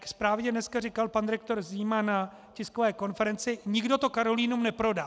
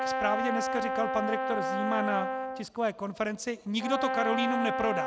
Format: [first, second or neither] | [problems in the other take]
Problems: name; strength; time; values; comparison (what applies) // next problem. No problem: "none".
first | background sound (Brass instrument); as loud as the speech